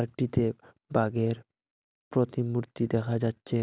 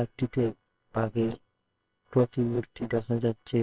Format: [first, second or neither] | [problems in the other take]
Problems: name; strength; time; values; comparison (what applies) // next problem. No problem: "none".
first | noise reduction (neural separator model SepFormer WHAMR!)